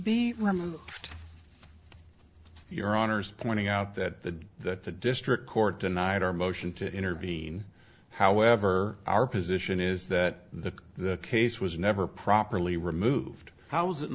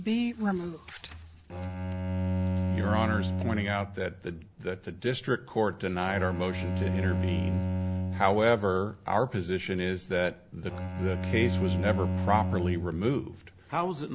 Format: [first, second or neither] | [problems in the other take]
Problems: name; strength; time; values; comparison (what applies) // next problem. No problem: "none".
first | background sound (Bowed string instrument); 1 dB below the speech